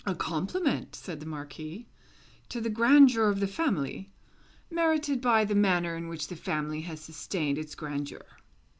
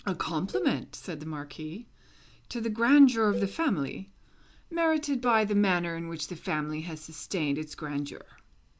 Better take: first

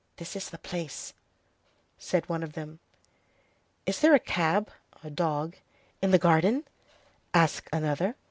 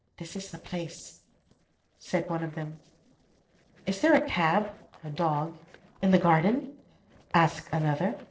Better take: first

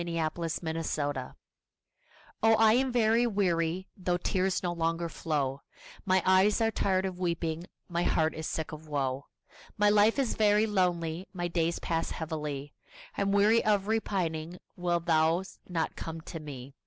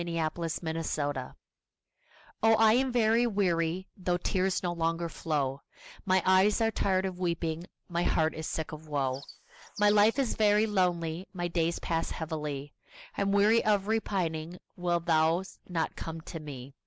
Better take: first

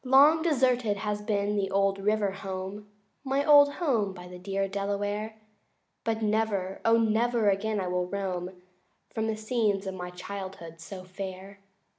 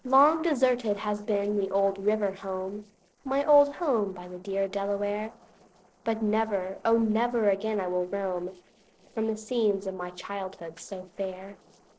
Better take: first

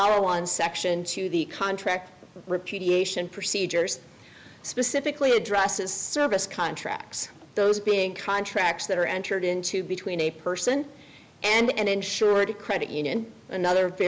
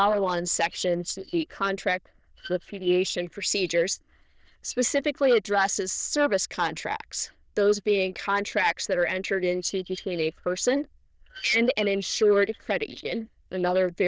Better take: first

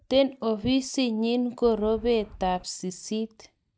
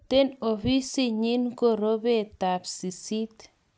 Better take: second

